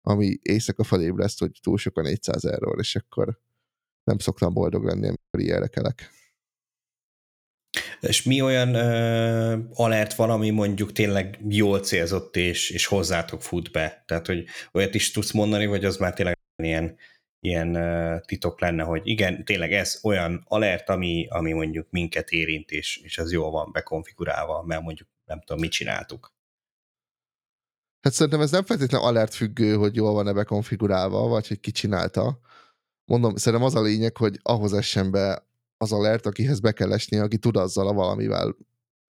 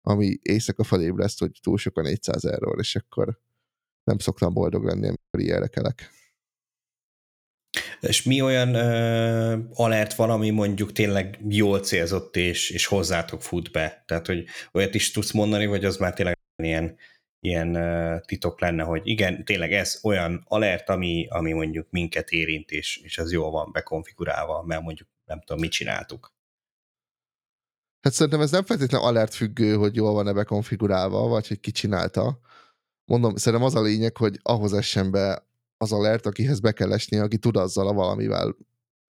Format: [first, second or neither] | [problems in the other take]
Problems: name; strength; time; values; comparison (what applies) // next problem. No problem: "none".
neither | audio cutting out; at 5 s and at 16 s; the same in both